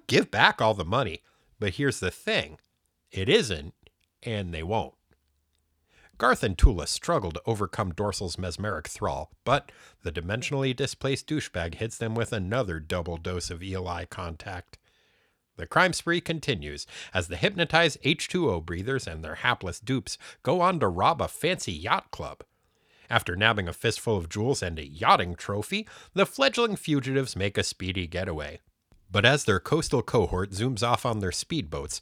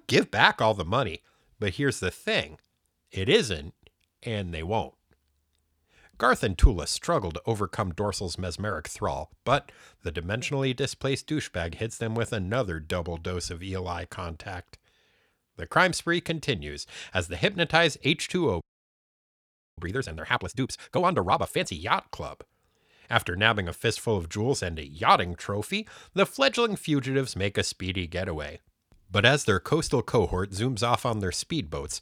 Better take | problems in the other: first | audio freezing; at 19 s for 1 s

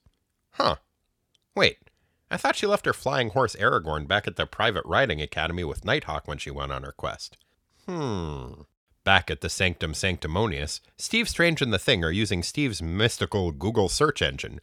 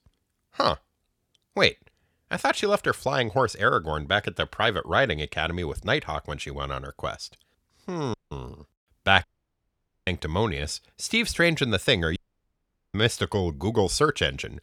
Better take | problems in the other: first | audio cutting out; at 8 s, at 9 s for 1 s and at 12 s for 1 s

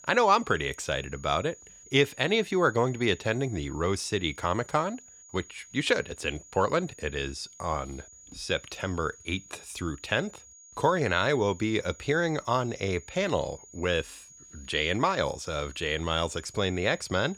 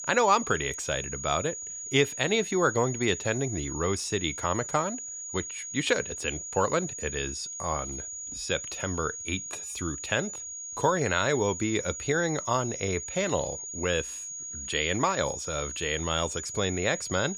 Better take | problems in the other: first | high-pitched whine; loud; throughout; 6.5 kHz, 6 dB below the speech; faint in the first

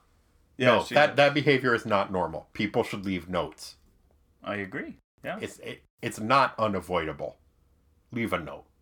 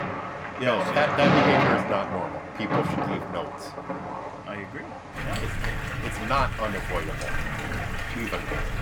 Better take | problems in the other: first | rain or running water; very loud; throughout; 1 dB above the speech

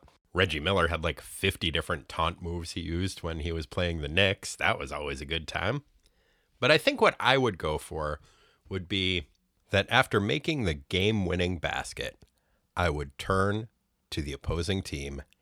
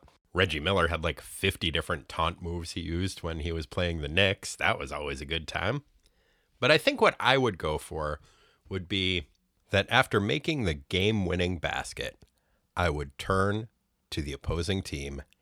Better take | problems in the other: neither | none

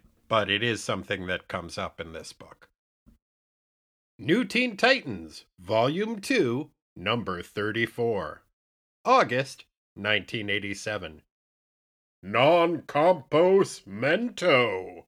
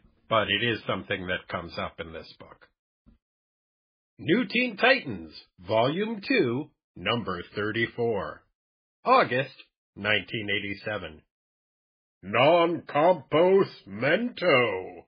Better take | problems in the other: first | garbled, watery; badly; nothing above 4.5 kHz

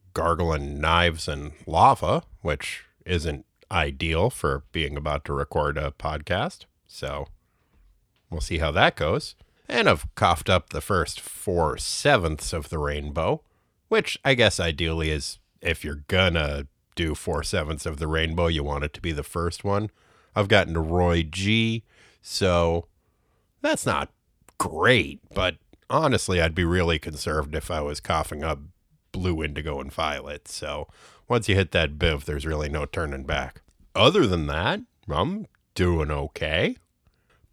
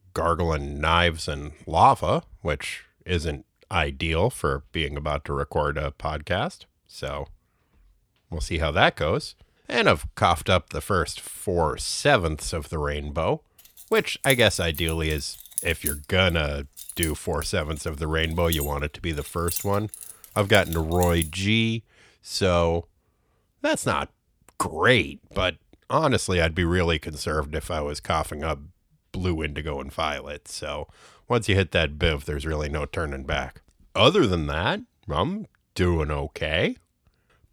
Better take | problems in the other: first | jangling keys; noticeable; from 14 to 21 s; peak 3 dB below the speech

